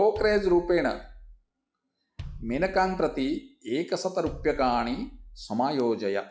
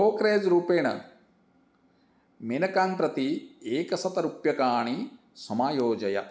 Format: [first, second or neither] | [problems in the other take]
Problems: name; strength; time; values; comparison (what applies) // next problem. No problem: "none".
second | noise reduction (classical method log-MMSE)